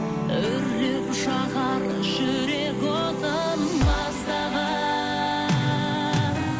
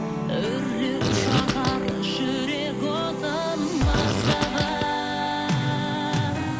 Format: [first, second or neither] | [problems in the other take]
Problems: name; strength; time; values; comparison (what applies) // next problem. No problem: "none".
first | background sound (Fart); as loud as the speech